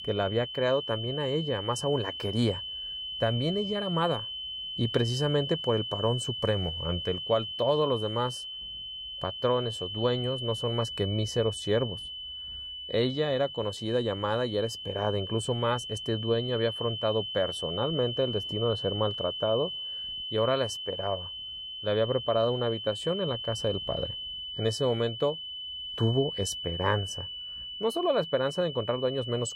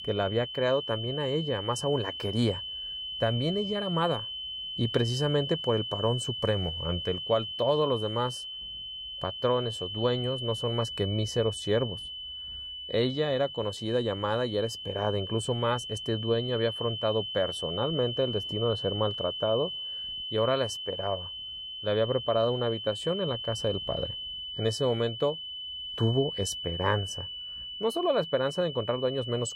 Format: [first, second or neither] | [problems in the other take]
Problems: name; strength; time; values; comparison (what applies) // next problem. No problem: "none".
neither | high-pitched whine; loud; throughout; 3 kHz, 5 dB below the speech; the same in both